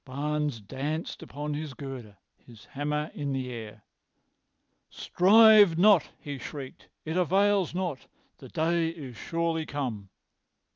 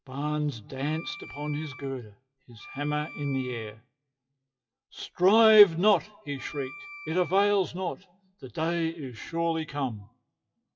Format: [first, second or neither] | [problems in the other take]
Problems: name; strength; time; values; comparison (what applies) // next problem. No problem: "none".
first | noise reduction (classical method WPE with log-MMSE)